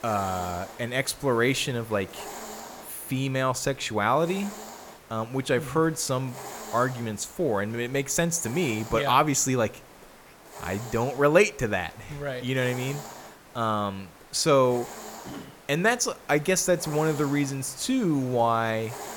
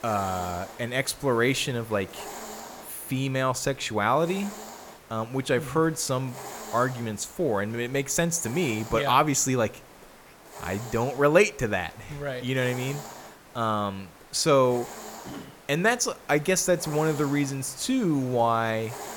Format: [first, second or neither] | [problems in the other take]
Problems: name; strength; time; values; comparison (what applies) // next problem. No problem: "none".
neither | hiss; noticeable; throughout; 15 dB below the speech; the same in both